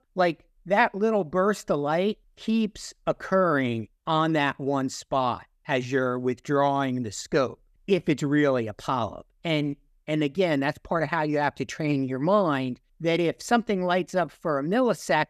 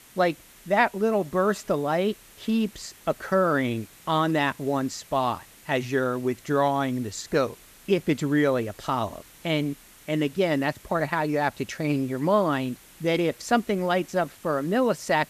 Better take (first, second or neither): first